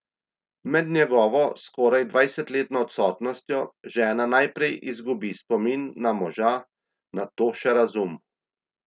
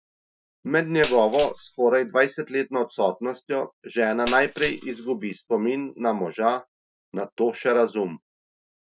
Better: first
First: none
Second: noise reduction (classical method Wiener filter)

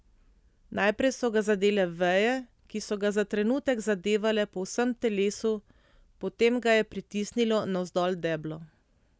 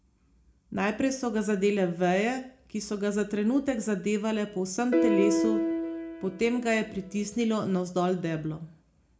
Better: first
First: none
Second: background sound (Piano); 1 dB below the speech // room echo; dies away in 0.4 s

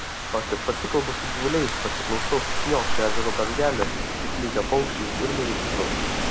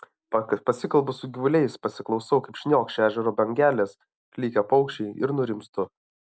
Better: second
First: background sound (Rain / Thunderstorm); 2 dB above the speech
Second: none

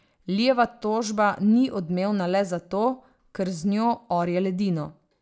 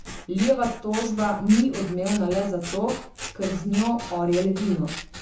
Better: first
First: none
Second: background sound (Scissors); 13 dB below the speech // room echo; dies away in 0.6 s

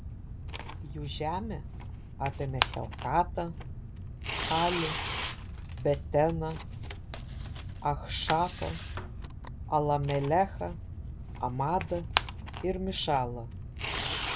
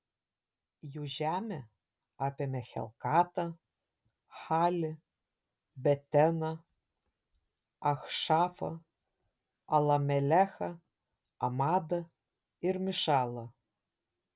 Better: second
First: background sound (Tearing); 4 dB below the speech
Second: none

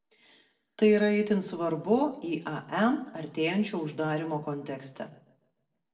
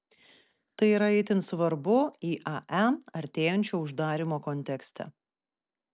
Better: second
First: room echo; dies away in 0.6 s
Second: none

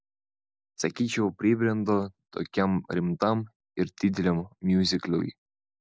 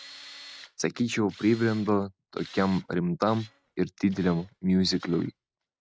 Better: first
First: none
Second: noise reduction (neural mask model RNNoise)

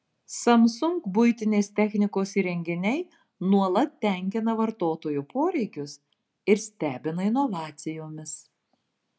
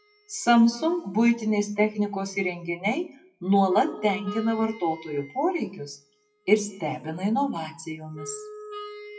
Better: first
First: none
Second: noise reduction (classical method WPE with log-MMSE)

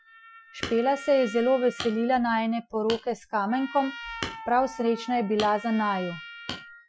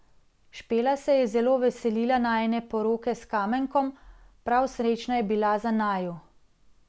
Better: second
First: noise reduction (classical method Wiener filter)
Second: none

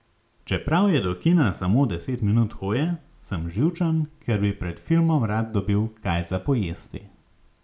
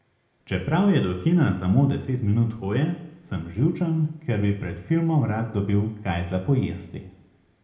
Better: first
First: none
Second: room echo; dies away in 0.7 s

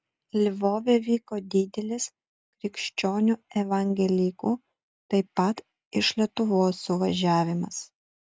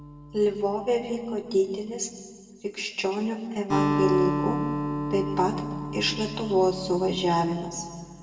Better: first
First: none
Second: background sound (Acoustic guitar); 5 dB below the speech // room echo; dies away in 1.9 s

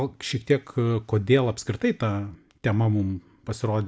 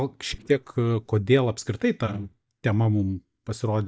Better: first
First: none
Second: noise reduction (neural mask model DeepFilterNet 3)

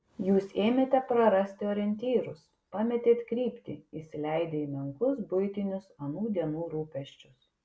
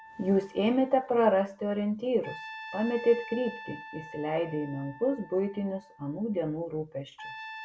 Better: first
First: none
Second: background sound (Trumpet); 17 dB below the speech

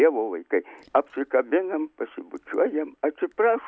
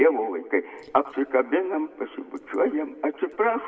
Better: first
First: none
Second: room echo; dies away in 1.3 s

